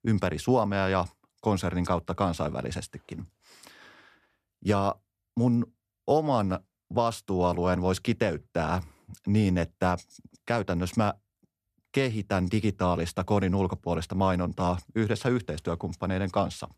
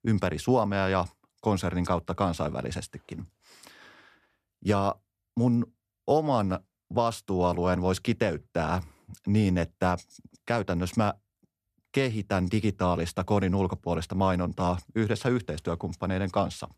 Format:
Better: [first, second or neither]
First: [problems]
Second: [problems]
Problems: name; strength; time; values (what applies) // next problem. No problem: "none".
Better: neither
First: none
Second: none